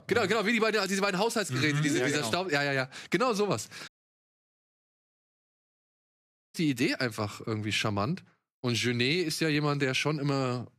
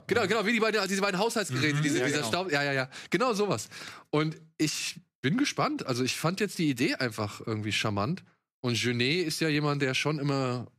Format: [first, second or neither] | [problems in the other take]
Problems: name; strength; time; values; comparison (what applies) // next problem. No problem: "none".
second | audio cutting out; at 4 s for 2.5 s